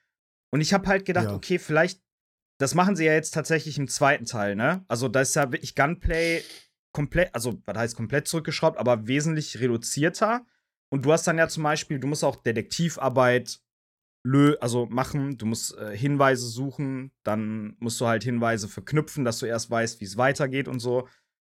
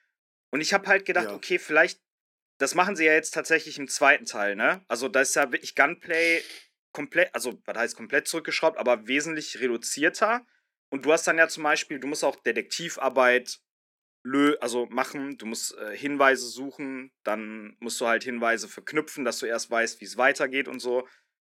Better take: first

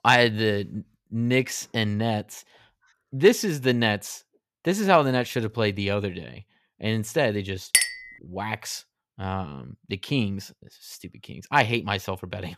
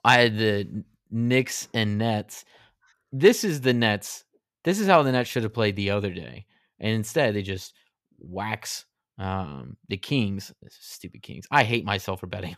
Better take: second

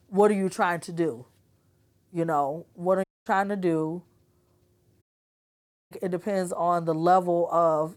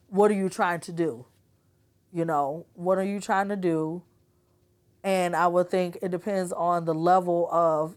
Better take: second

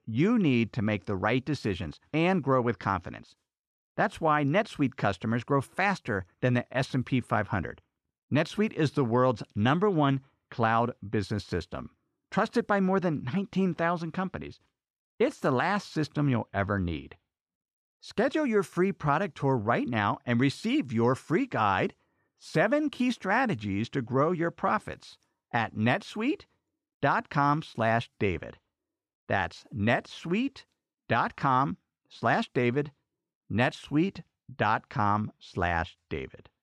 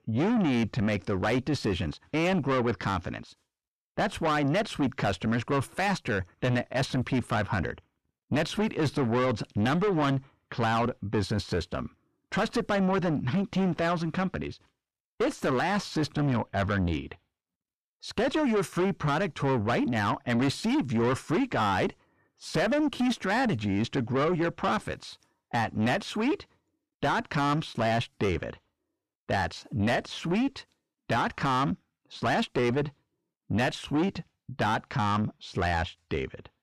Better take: first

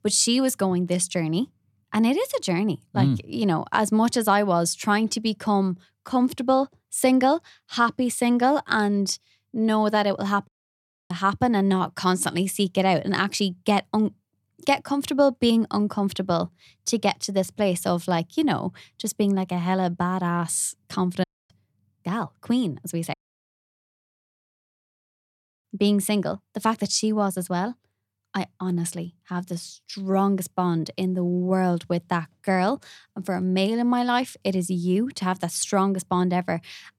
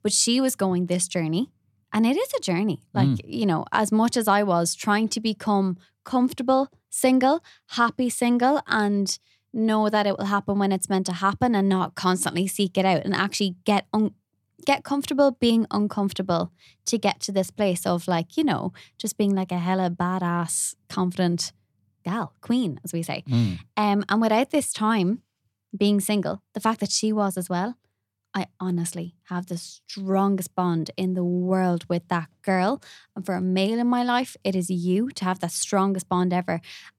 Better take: second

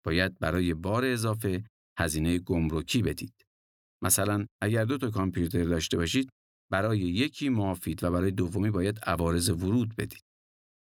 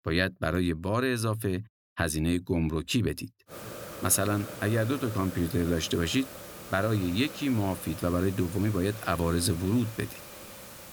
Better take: first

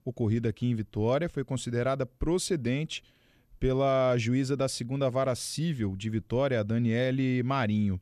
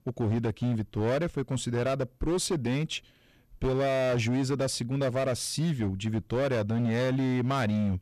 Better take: first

